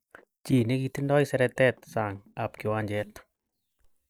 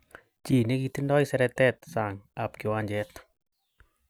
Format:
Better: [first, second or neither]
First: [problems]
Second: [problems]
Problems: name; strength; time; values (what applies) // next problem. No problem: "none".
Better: second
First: noise reduction (neural mask model DeepFilterNet 3)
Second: none